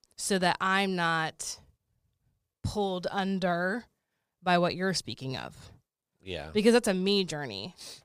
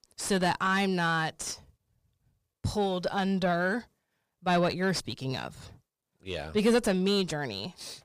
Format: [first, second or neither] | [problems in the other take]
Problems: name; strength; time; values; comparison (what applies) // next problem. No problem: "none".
first | distortion; slight; 10 dB below the speech